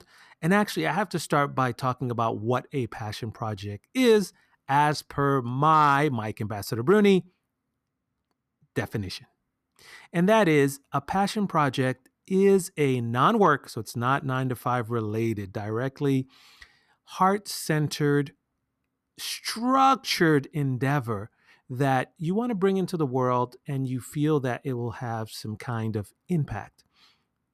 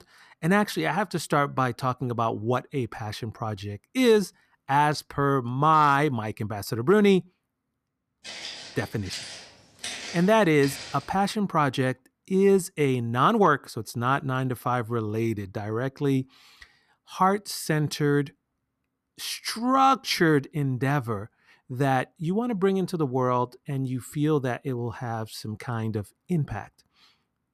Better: first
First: none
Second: footsteps; noticeable; from 8 to 11 s; peak 8 dB below the speech

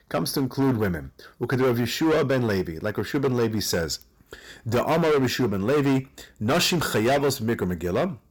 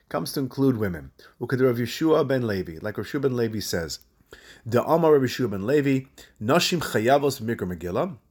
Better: second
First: distortion; heavy; 14% of the sound clipped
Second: none

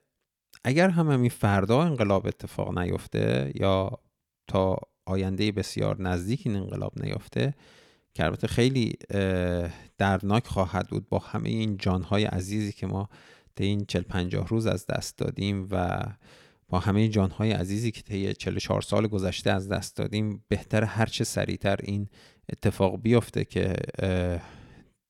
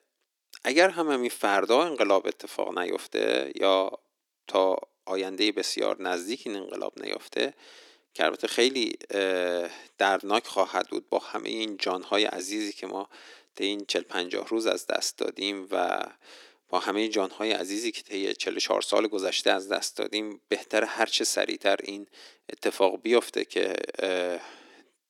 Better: first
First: none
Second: thin; very; fading below 300 Hz

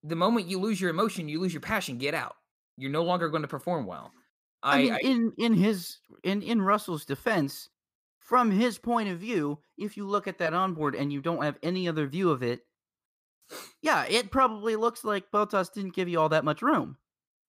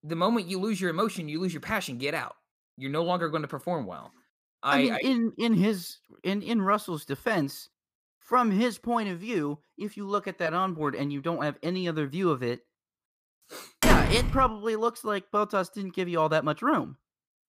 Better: first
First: none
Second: door banging; loud; at 14 s; peak 5 dB above the speech

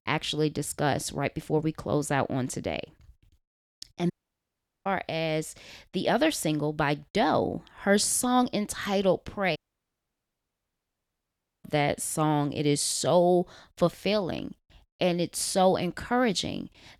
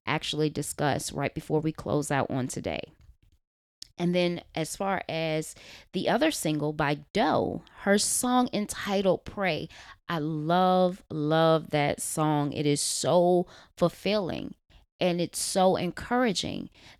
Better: second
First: audio cutting out; at 4 s for 1 s and at 9.5 s for 2 s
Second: none

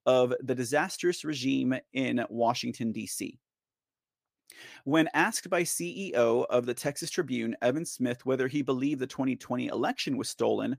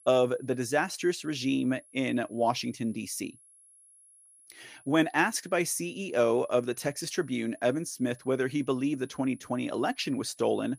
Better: first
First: none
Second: high-pitched whine; faint; throughout; 11 kHz, 25 dB below the speech

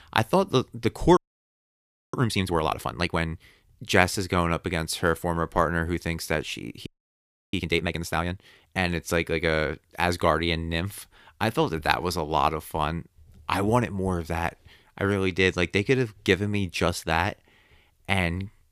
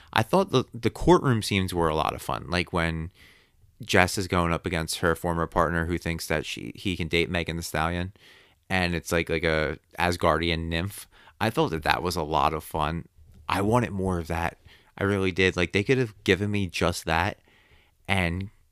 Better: second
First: audio freezing; at 1 s for 1 s and at 7 s for 0.5 s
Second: none

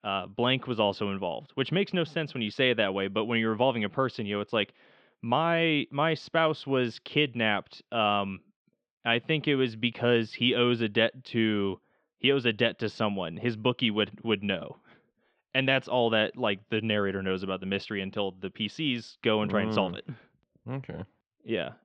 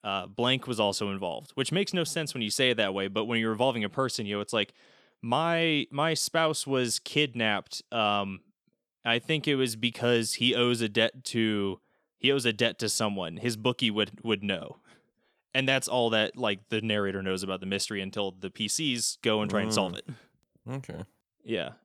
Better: second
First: muffled; very; fading above 3.5 kHz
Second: none

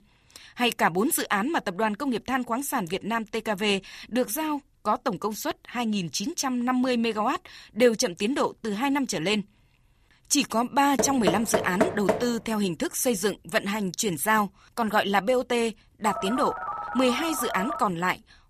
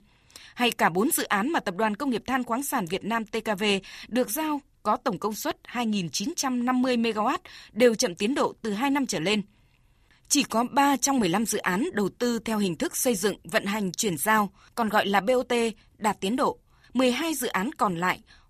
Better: second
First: door banging; loud; from 11 to 12 s; peak level with the speech // phone ringing; noticeable; from 16 to 18 s; peak 6 dB below the speech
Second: none

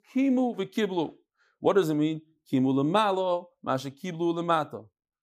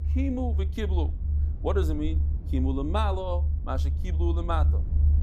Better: first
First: none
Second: low rumble; noticeable; throughout; 10 dB below the speech

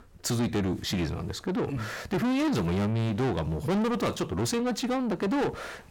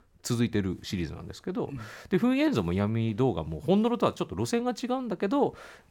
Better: second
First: distortion; heavy; 6 dB below the speech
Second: none

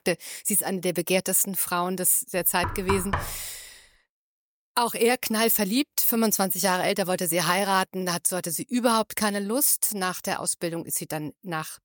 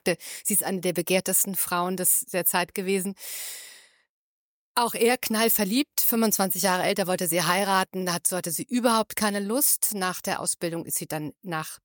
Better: second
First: door banging; noticeable; at 2.5 s; peak 5 dB below the speech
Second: none

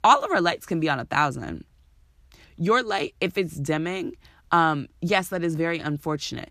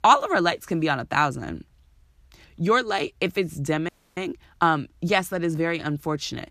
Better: first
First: none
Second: audio freezing; at 4 s

